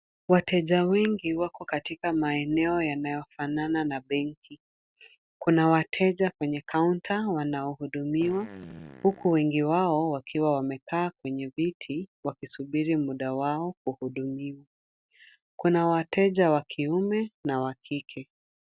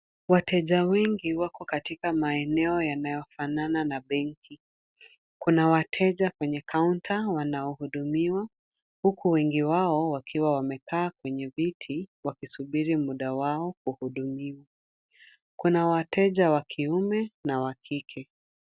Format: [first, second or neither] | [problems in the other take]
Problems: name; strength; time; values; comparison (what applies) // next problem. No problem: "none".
second | background sound (Fart); 18 dB below the speech